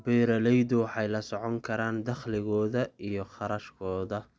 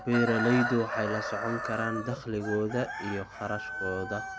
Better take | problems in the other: first | background sound (Chicken, rooster); 5 dB below the speech

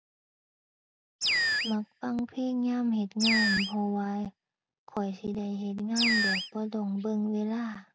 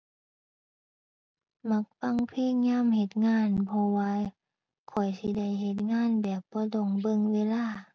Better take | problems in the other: second | background sound (Animal); as loud as the speech

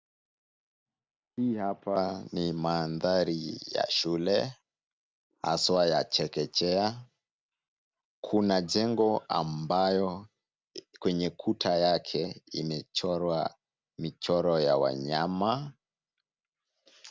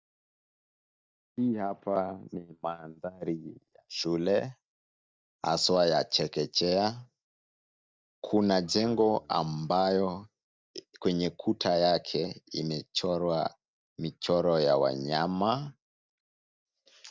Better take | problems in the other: first | noise reduction (neural mask model DeepFilterNet 3)

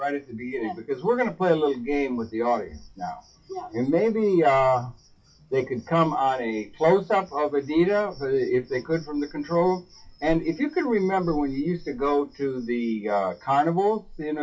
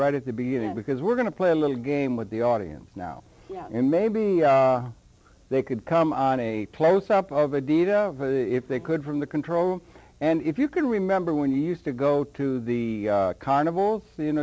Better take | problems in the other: second | noise reduction (classical method WPE with log-MMSE)

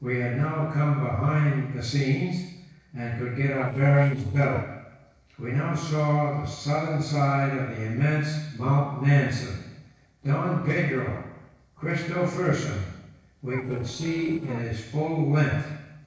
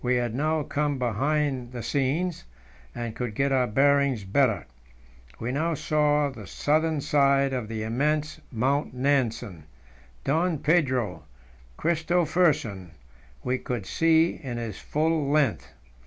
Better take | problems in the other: second | noise reduction (neural separator model SepFormer DNS4)

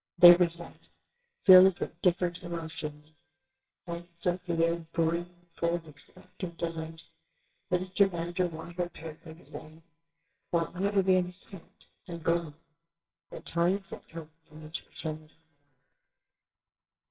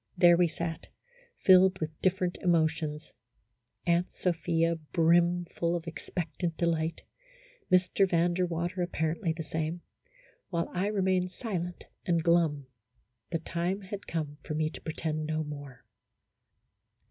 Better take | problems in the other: second | noise reduction (neural separator model SepFormer WHAMR!)

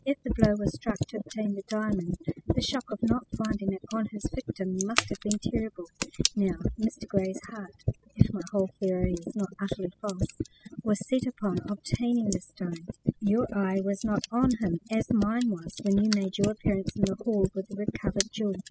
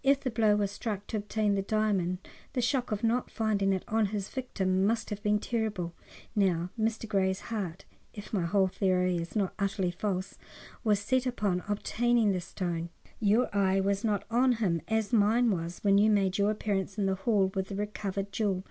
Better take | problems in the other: second | noise reduction (classical method spectral subtraction)

